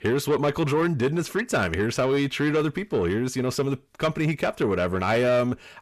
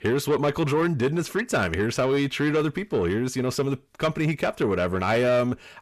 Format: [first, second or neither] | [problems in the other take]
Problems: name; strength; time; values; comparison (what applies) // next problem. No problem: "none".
neither | distortion; slight; 10 dB below the speech; the same in both